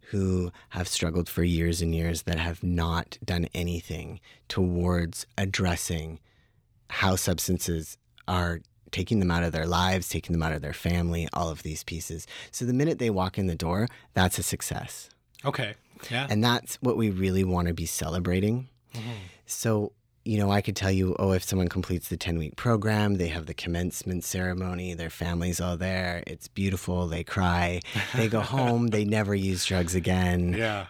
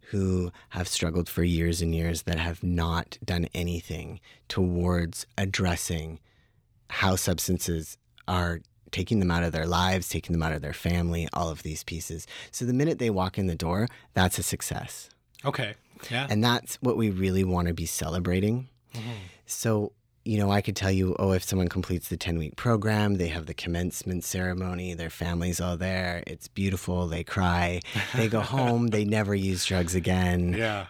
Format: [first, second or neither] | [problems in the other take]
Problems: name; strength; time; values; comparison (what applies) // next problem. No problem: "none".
neither | none